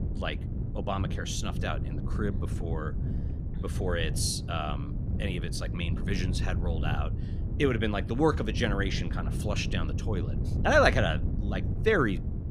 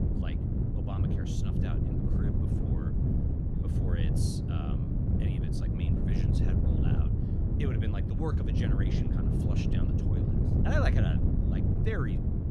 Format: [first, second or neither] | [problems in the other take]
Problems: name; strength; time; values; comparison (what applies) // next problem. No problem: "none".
first | wind noise on the microphone; heavy; 2 dB above the speech; occasional gusts in the first